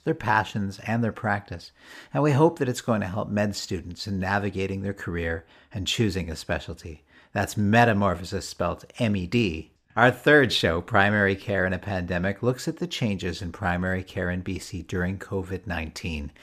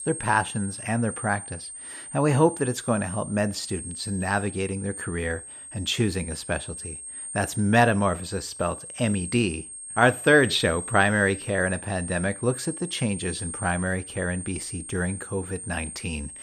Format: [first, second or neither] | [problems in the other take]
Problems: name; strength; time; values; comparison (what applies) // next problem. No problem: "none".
first | high-pitched whine; loud; throughout; 8.5 kHz, 10 dB below the speech